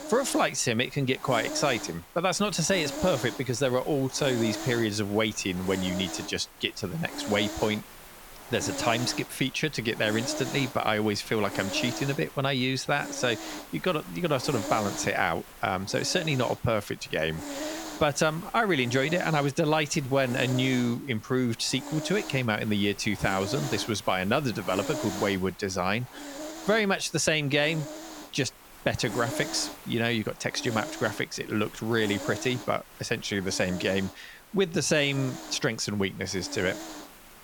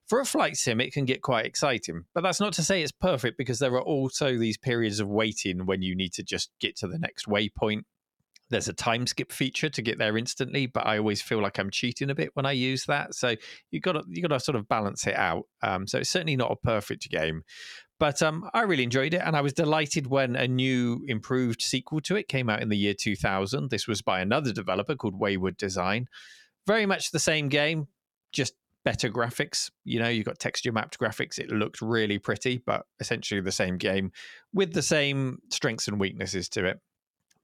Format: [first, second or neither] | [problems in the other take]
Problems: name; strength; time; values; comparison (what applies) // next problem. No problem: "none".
second | hiss; noticeable; throughout; 10 dB below the speech